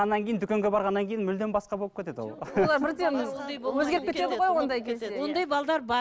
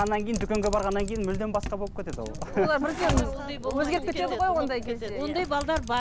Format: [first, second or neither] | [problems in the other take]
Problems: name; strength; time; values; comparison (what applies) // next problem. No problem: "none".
first | background sound (Typing); 6 dB below the speech